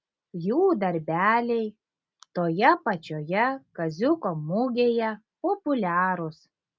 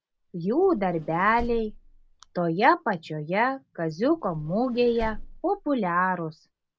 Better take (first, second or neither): first